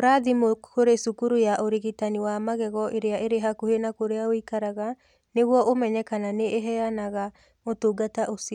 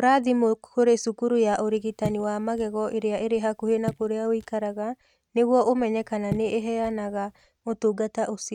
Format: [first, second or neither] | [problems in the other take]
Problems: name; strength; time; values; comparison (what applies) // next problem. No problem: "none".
first | noise reduction (neural mask model RNNoise)